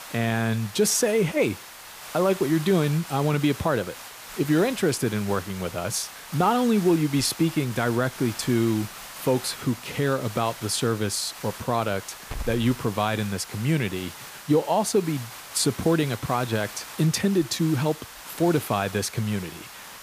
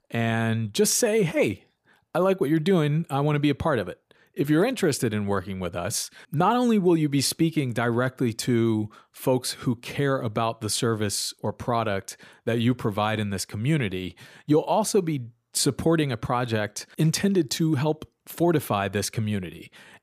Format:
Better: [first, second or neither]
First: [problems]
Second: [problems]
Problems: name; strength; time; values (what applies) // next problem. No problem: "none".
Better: second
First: hiss; noticeable; throughout; 15 dB below the speech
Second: none